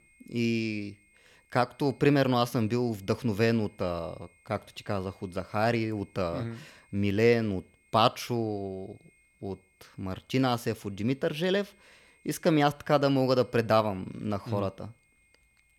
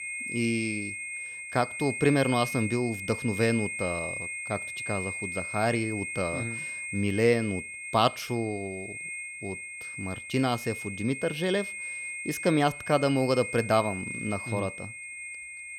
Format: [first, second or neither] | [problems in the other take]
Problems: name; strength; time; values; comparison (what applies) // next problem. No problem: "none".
first | high-pitched whine; loud; throughout; 2 kHz, 6 dB below the speech; faint in the first